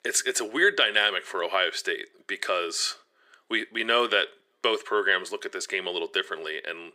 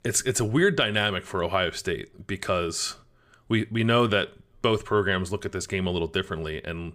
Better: second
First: thin; very; fading below 350 Hz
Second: none

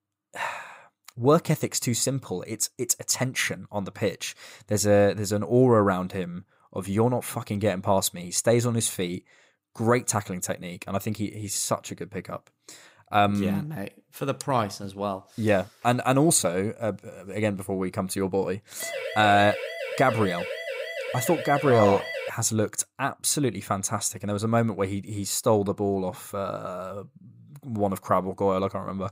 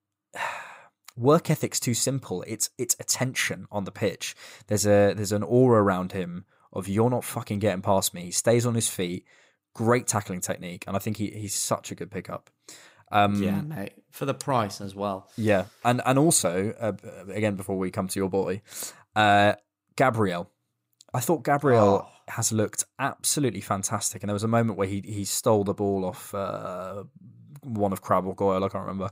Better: second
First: siren; noticeable; from 19 to 22 s; peak 6 dB below the speech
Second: none

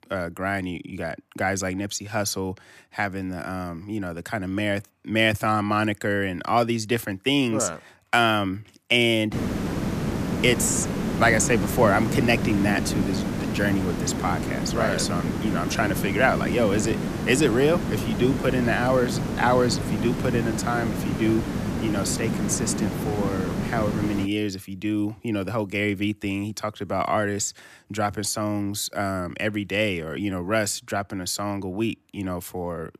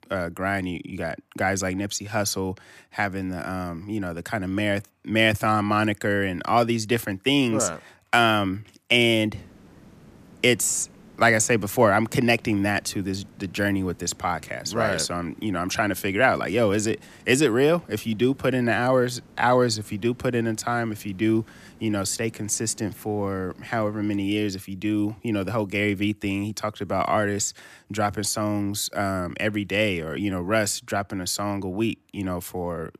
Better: second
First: hiss; loud; from 9.5 to 24 s; 3 dB below the speech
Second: hiss; faint; from 9.5 to 24 s; 25 dB below the speech

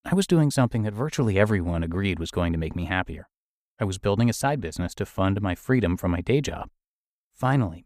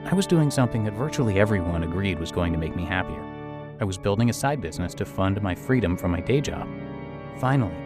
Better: first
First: none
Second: background music; noticeable; throughout; 10 dB below the speech

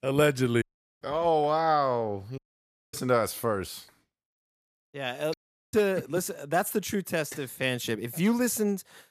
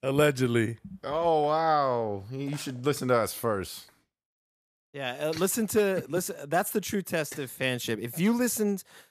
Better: second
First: audio cutting out; at 0.5 s, at 2.5 s for 0.5 s and at 5.5 s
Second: none

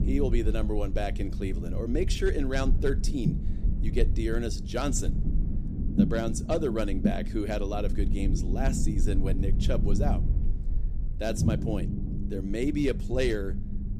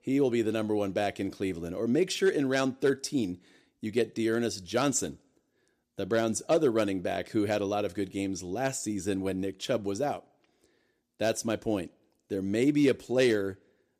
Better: second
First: low rumble; loud; throughout; 8 dB below the speech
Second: none

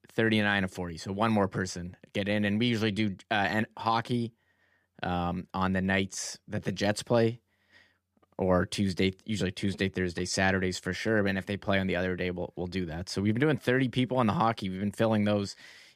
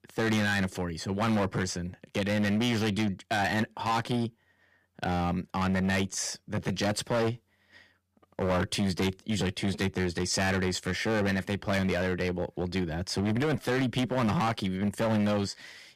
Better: first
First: none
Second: distortion; heavy; 13% of the sound clipped

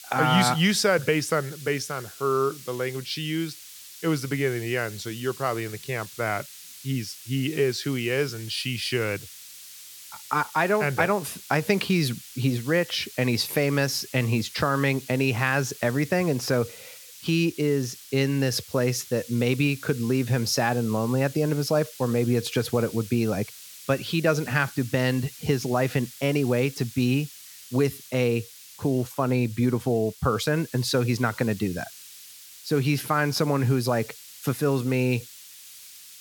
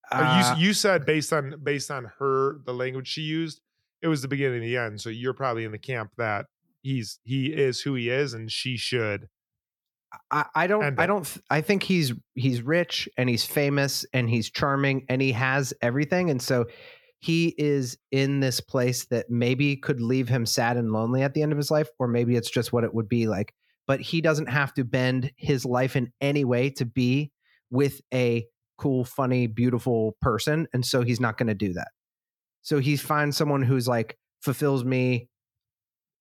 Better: second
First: hiss; noticeable; throughout; 15 dB below the speech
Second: none

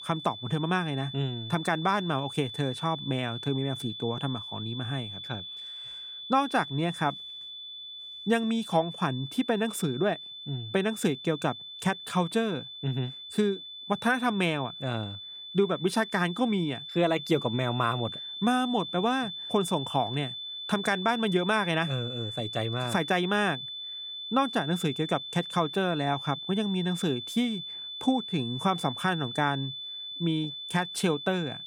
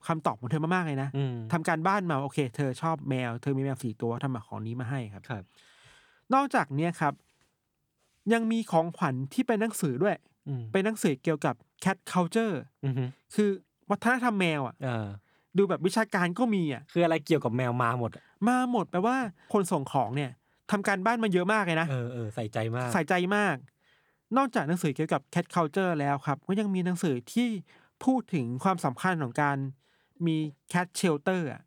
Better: second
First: high-pitched whine; loud; throughout; 3.5 kHz, 8 dB below the speech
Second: none

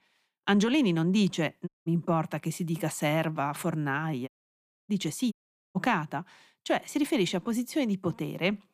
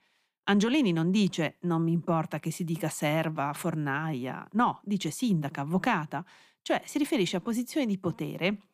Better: second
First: audio cutting out; at 1.5 s, at 4.5 s for 0.5 s and at 5.5 s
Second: none

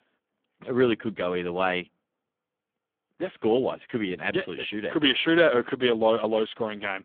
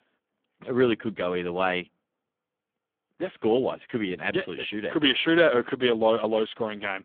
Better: neither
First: phone-call audio; poor line; nothing above 3.5 kHz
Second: phone-call audio; poor line; nothing above 3.5 kHz

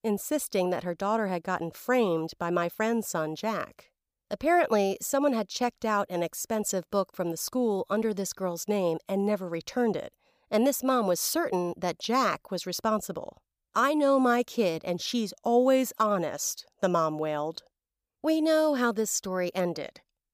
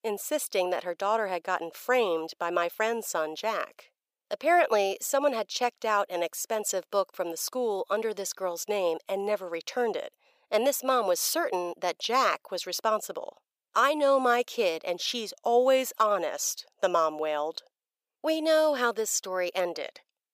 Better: first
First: none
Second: thin; somewhat; fading below 500 Hz

